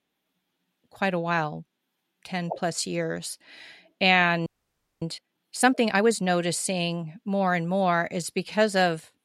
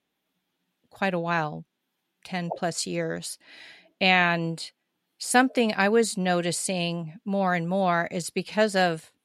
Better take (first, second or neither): second